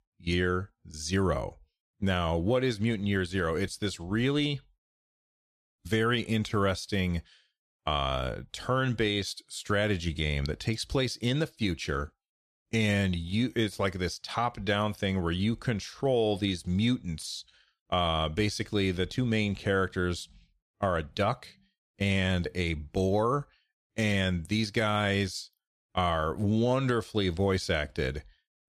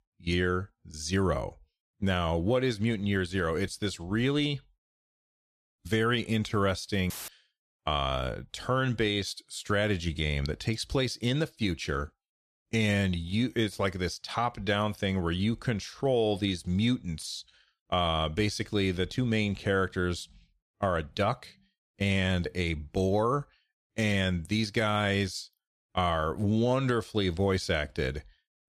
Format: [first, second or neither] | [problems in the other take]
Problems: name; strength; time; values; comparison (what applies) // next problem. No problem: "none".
first | audio cutting out; filled with static; at 7 s